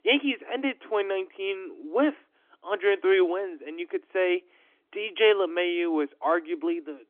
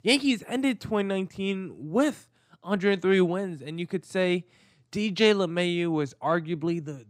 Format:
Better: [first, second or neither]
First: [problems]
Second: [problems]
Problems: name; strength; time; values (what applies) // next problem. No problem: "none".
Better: second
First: phone-call audio; nothing above 3.5 kHz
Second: none